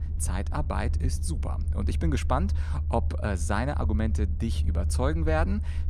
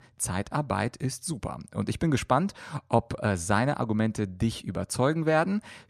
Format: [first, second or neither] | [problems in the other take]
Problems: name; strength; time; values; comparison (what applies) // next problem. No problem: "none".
second | low rumble; noticeable; throughout; 15 dB below the speech